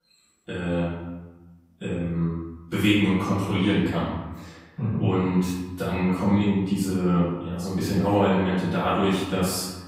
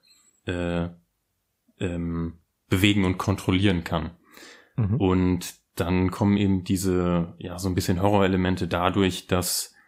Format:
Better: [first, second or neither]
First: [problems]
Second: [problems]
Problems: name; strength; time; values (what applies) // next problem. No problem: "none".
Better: second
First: room echo; noticeable; dies away in 1 s // off-mic speech; far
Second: none